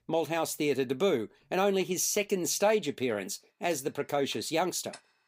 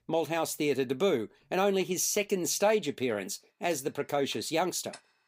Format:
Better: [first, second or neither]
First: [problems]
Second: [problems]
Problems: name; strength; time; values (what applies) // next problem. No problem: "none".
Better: neither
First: household noises; faint; throughout; 25 dB below the speech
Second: household noises; faint; throughout; 25 dB below the speech